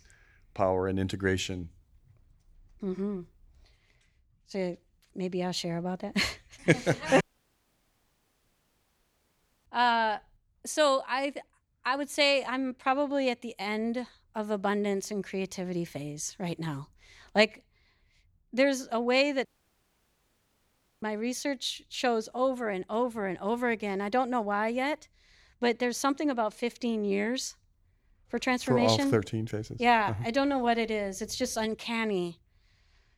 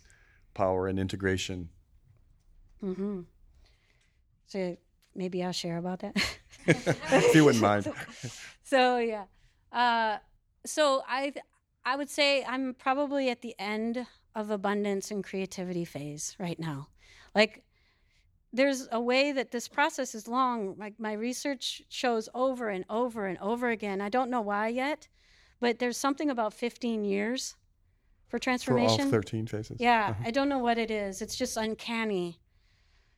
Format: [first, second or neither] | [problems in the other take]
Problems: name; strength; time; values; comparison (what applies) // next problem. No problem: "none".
second | audio cutting out; at 7 s for 2.5 s and at 19 s for 1.5 s